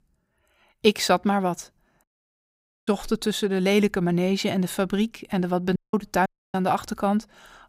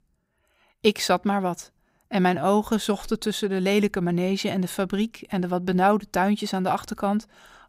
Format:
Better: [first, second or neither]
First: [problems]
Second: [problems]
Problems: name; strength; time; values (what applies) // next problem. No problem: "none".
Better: second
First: audio cutting out; at 2 s for 1 s, at 6 s and at 6.5 s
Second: none